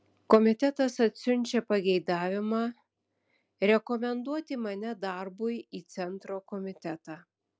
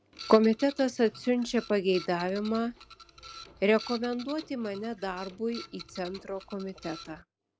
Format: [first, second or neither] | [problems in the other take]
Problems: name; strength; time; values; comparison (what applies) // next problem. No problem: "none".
first | background sound (Printer); 18 dB below the speech